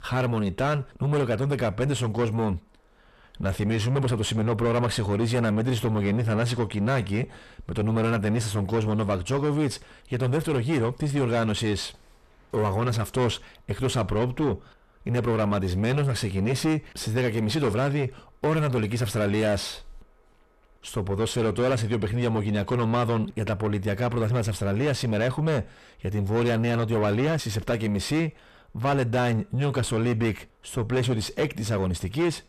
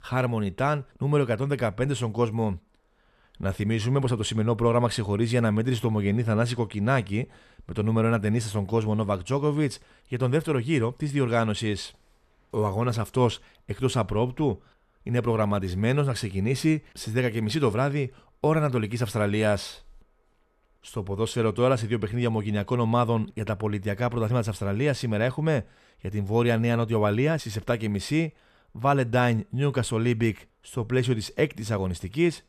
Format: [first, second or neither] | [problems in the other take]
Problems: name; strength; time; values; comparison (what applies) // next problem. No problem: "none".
second | distortion; heavy; 6 dB below the speech